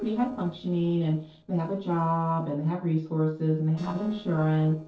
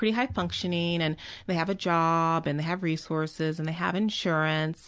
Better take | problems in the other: second | noise reduction (neural separator model SepFormer DNS4)

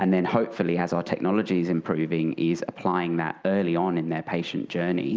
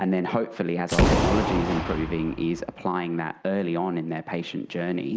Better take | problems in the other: first | background sound (Boom); 1 dB above the speech

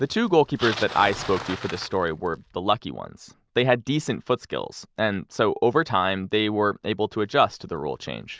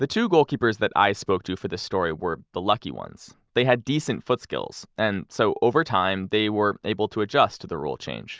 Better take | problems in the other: second | background sound (Bicycle); 17 dB below the speech

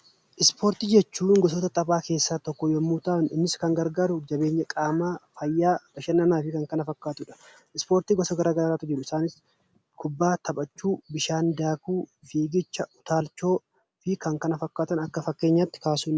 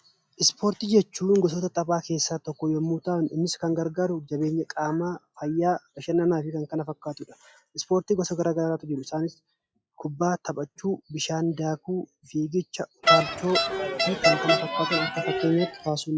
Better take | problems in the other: first | noise reduction (classical method log-MMSE)

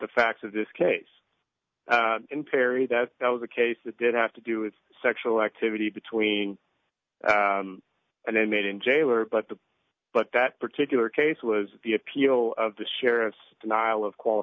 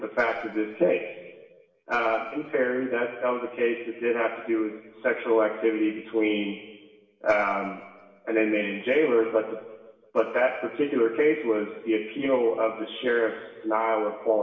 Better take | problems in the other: first | room echo; dies away in 1.3 s

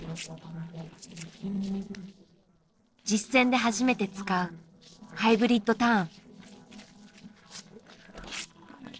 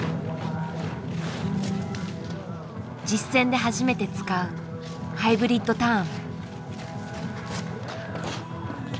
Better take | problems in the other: second | noise reduction (neural separator model SepFormer DNS4)

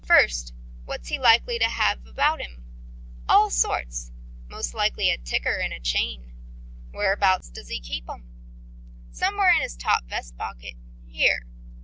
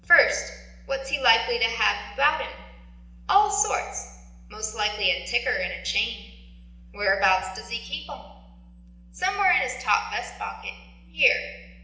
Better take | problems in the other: first | room echo; dies away in 0.8 s

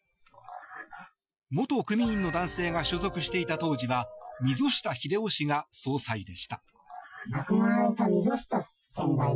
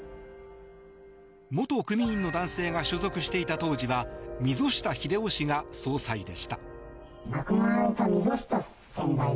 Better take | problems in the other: second | noise reduction (classical method Wiener filter)

